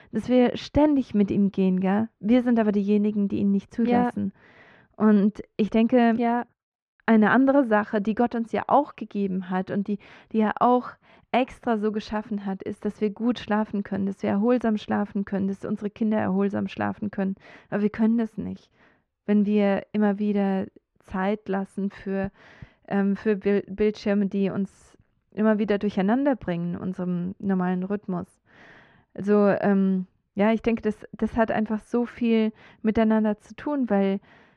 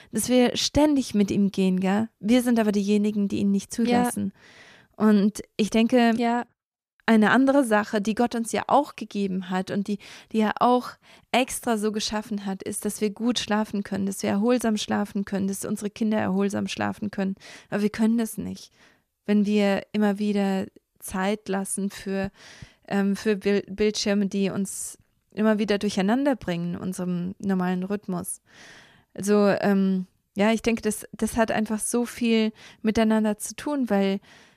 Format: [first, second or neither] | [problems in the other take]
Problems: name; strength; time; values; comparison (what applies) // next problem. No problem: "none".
second | muffled; very; fading above 2 kHz